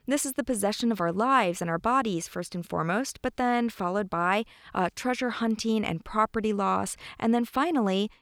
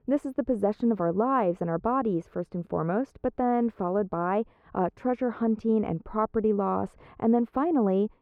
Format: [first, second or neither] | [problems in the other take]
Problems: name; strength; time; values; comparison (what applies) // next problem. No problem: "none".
first | muffled; very; fading above 2 kHz